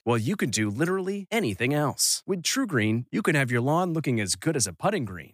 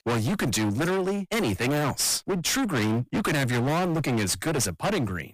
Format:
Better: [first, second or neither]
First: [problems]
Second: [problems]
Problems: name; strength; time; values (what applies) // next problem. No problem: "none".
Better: first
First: none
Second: distortion; heavy; 41% of the sound clipped